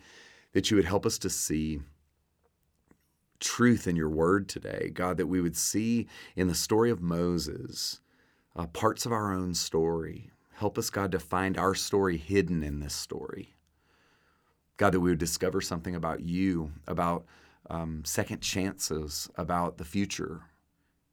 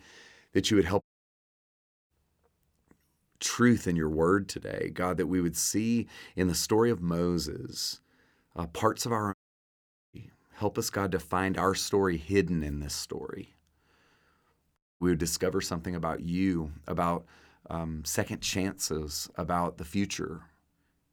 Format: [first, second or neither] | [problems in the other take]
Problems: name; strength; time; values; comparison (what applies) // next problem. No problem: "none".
first | audio cutting out; at 1 s for 1 s, at 9.5 s for 1 s and at 15 s